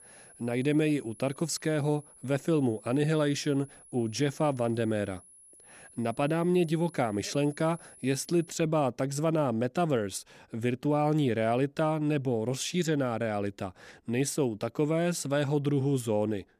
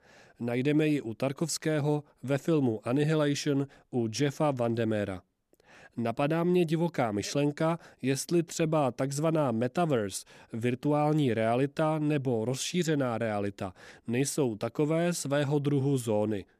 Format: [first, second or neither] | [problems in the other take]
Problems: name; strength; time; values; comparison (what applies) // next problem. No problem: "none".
second | high-pitched whine; faint; until 8.5 s; 10.5 kHz, 25 dB below the speech